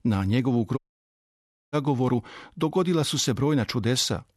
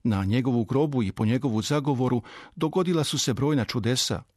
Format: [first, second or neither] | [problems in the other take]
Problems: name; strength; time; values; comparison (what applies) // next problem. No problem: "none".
second | audio cutting out; at 1 s for 1 s